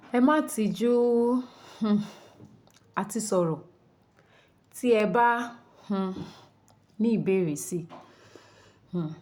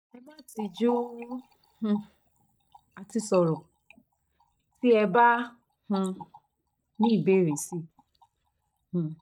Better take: first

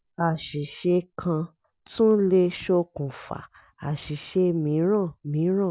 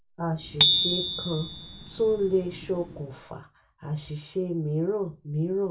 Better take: first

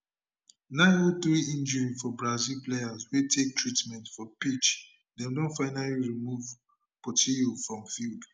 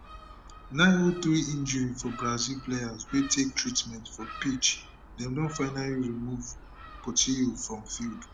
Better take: first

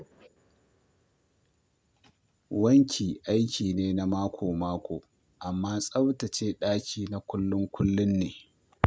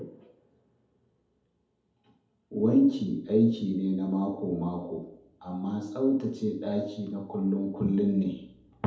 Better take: first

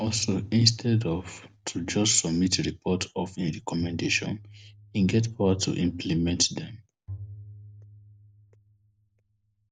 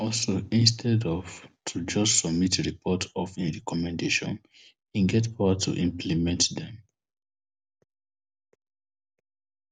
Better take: second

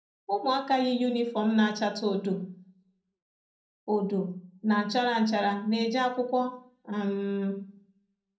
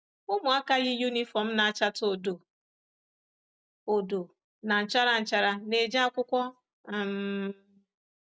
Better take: second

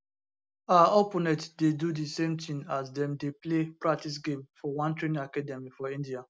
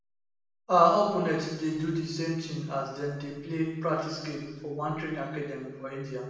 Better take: first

